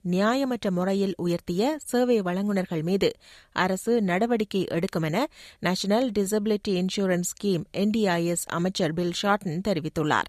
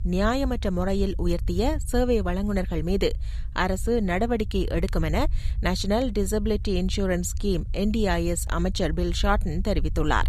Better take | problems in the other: first | low rumble; faint; throughout; 25 dB below the speech

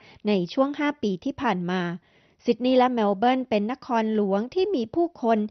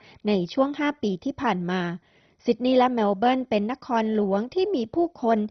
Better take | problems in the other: first | garbled, watery; badly; nothing above 6 kHz; slightly in the first

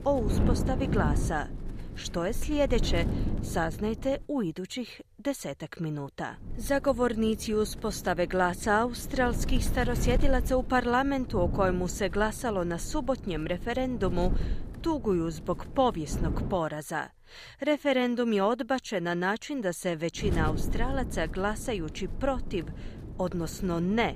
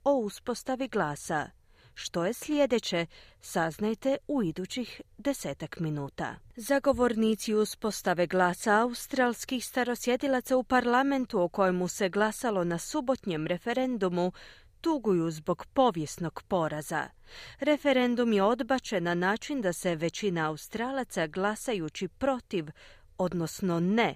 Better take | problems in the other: second | wind noise on the microphone; occasional gusts; until 4 s, from 6.5 to 17 s and from 20 s on; 15 dB below the speech

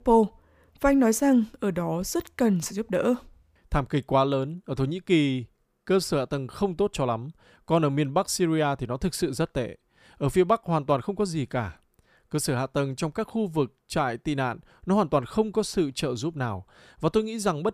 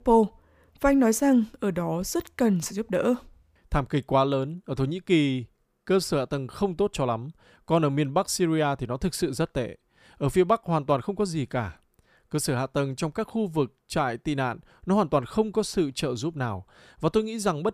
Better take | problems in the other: neither | none

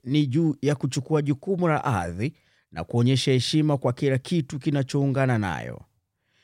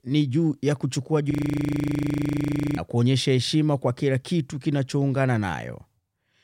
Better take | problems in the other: first | audio freezing; at 1.5 s for 1.5 s

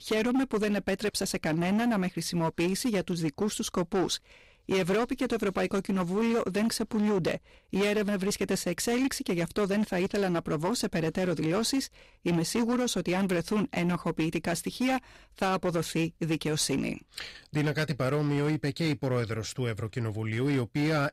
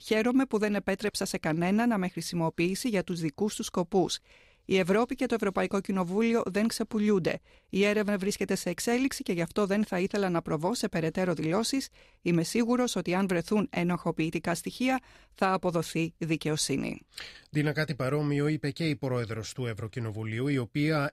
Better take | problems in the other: second | distortion; slight; 13% of the sound clipped

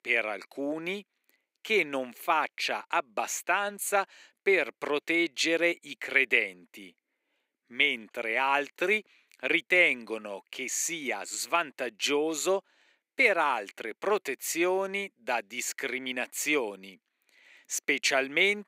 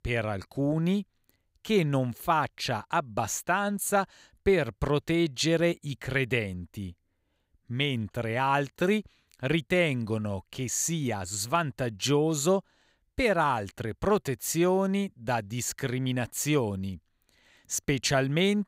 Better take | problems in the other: second | thin; somewhat; fading below 300 Hz

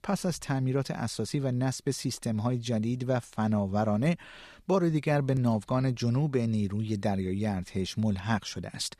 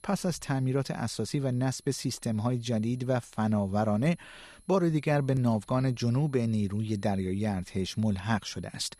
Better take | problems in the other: first | high-pitched whine; faint; throughout; 10.5 kHz, 30 dB below the speech

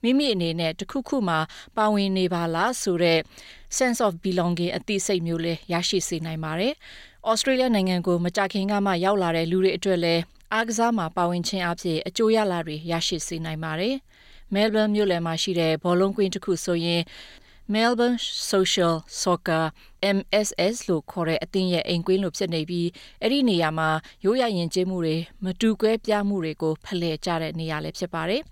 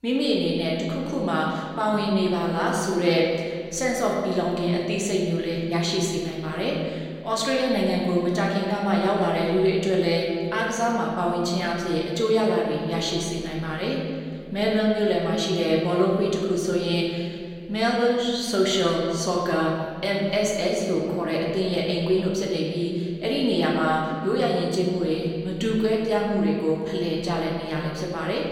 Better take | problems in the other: first | room echo; noticeable; dies away in 2 s // off-mic speech; somewhat distant

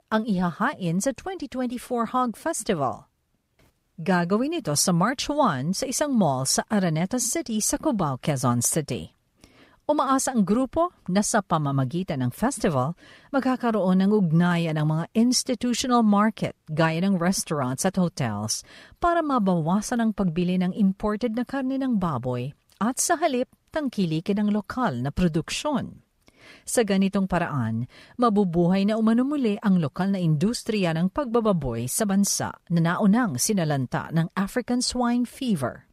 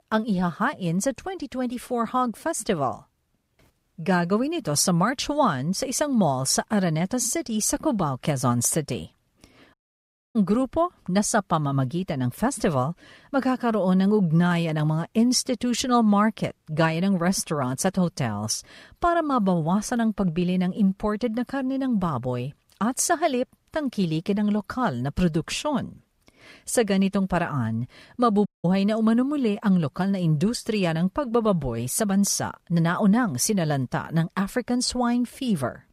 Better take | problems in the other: first | audio cutting out; at 9.5 s for 0.5 s and at 28 s

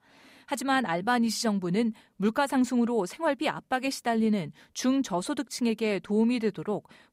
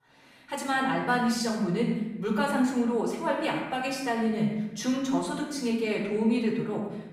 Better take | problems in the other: first | off-mic speech; far // room echo; noticeable; dies away in 0.9 s

